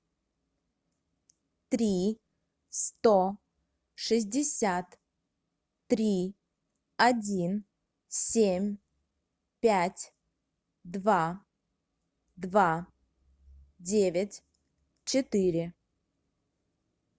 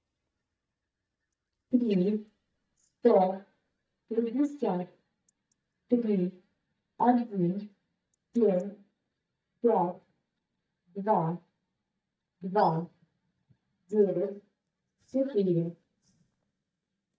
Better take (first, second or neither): first